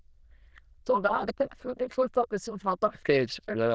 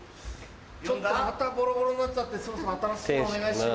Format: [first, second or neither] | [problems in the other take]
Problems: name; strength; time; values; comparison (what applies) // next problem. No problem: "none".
second | noise reduction (neural diffusion model UNIVERSE++)